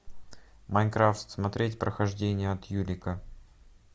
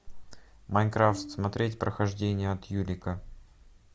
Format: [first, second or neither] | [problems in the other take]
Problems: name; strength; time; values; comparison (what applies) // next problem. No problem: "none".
first | background sound (Bowed string instrument); 16 dB below the speech